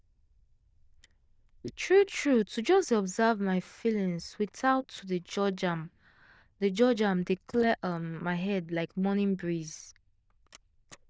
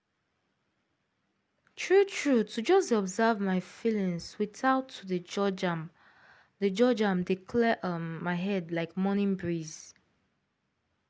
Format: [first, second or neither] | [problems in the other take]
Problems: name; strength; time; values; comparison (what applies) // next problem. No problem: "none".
second | noise reduction (neural diffusion model UNIVERSE++)